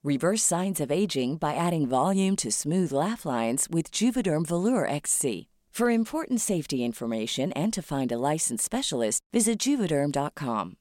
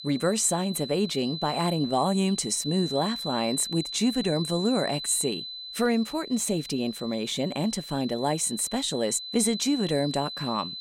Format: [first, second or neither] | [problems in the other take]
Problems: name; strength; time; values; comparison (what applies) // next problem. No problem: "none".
first | high-pitched whine; loud; throughout; 4 kHz, 8 dB below the speech